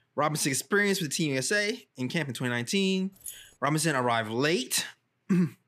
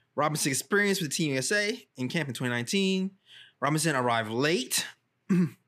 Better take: second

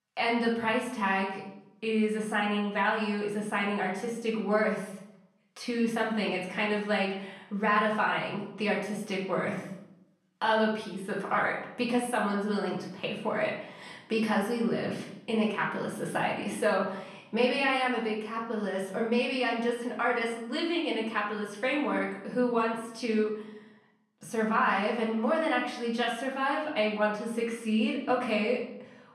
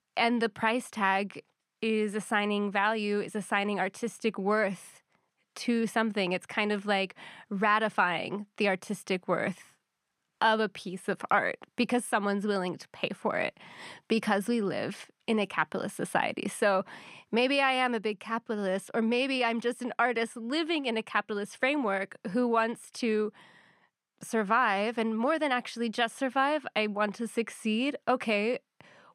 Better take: second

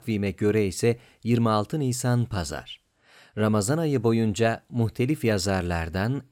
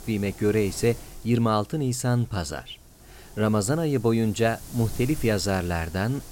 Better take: first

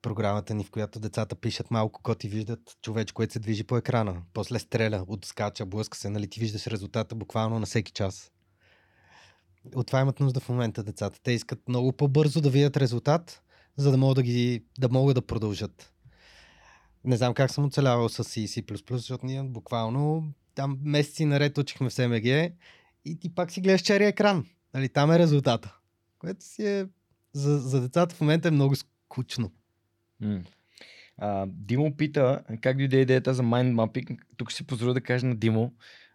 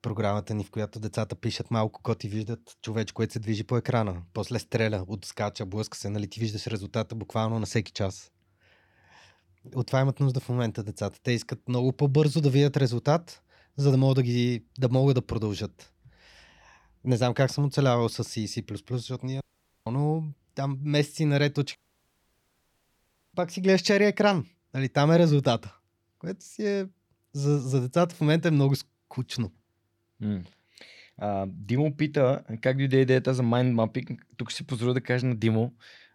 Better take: first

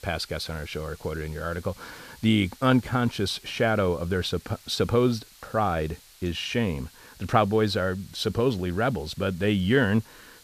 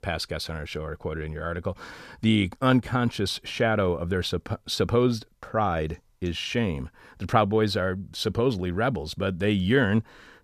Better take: second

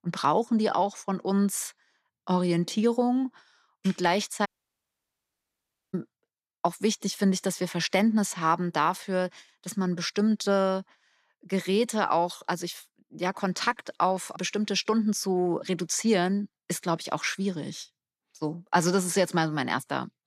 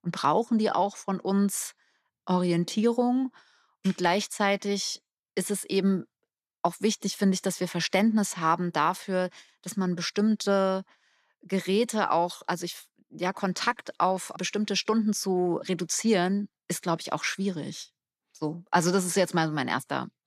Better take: second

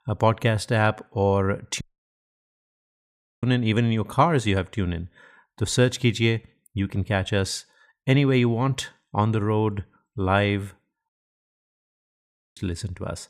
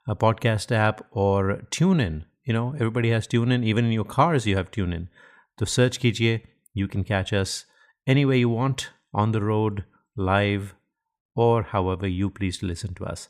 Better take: second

